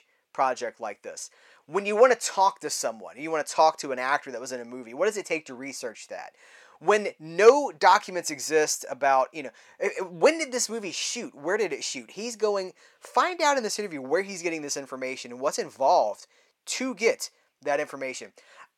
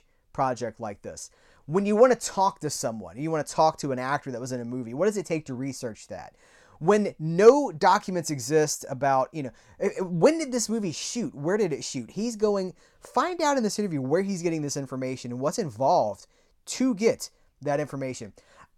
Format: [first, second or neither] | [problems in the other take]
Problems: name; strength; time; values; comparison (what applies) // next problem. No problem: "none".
second | thin; somewhat; fading below 400 Hz